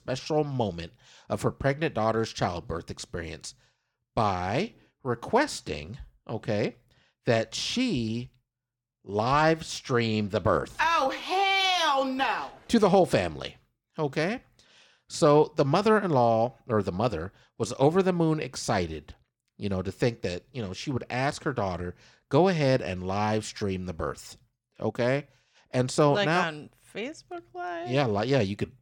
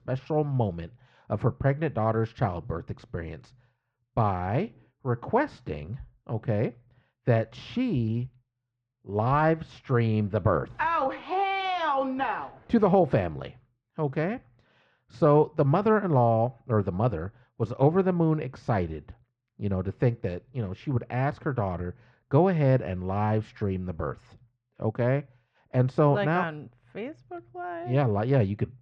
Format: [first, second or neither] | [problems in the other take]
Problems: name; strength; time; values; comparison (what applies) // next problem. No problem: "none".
first | muffled; very; fading above 2 kHz